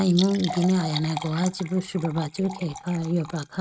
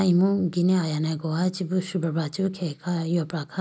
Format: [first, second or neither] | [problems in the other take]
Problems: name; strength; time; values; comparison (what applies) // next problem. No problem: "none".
second | noise reduction (neural mask model RNNoise)